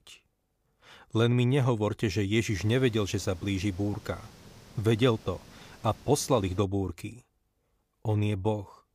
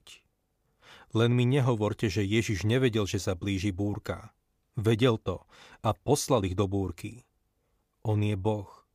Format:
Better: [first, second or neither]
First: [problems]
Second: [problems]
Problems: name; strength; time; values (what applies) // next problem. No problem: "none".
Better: second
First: hiss; faint; from 2.5 to 6.5 s; 25 dB below the speech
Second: none